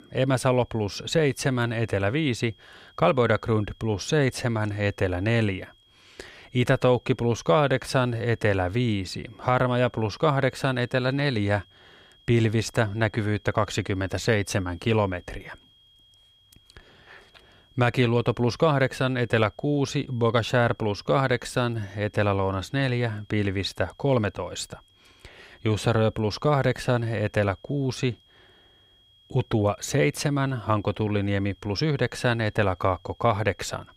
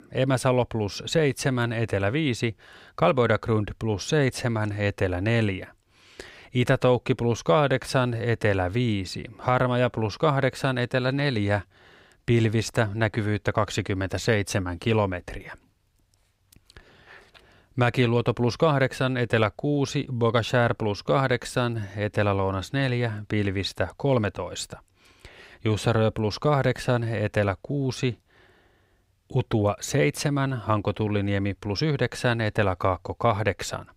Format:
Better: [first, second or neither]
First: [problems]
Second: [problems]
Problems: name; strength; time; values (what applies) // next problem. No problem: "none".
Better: second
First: high-pitched whine; faint; throughout; 3.5 kHz, 30 dB below the speech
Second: none